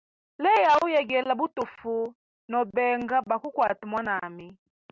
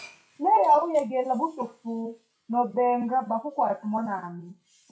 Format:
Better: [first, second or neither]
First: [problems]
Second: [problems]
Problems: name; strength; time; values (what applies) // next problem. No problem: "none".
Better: first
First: none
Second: noise reduction (classical method WPE with log-MMSE)